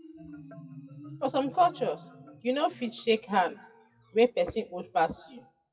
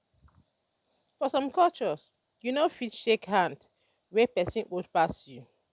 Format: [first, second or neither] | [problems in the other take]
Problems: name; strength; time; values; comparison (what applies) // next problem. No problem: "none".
second | noise reduction (classical method WPE with log-MMSE)